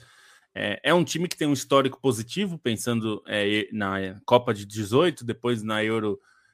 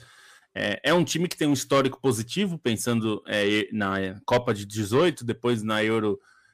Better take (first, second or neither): first